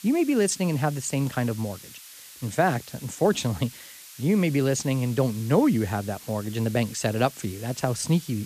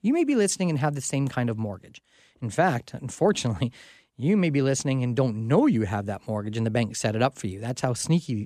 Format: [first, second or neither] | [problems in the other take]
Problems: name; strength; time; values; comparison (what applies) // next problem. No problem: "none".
second | hiss; noticeable; throughout; 15 dB below the speech